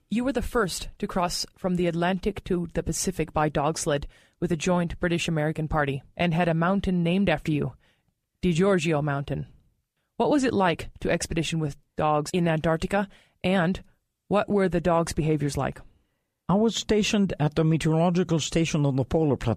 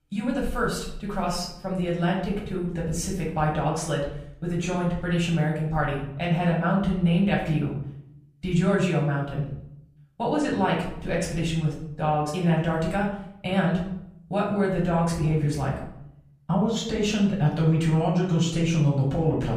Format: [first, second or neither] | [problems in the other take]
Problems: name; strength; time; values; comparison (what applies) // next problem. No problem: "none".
first | off-mic speech; far // room echo; noticeable; dies away in 0.6 s